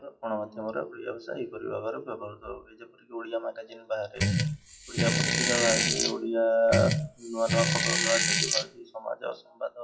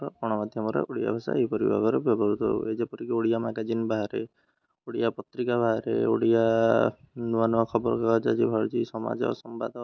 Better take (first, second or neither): second